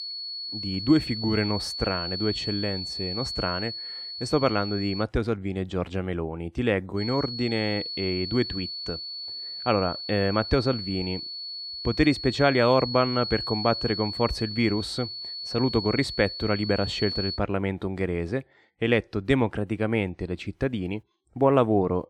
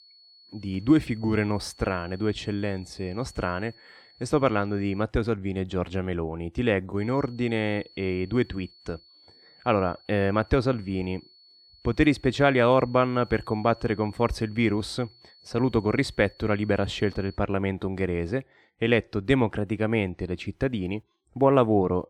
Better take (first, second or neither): second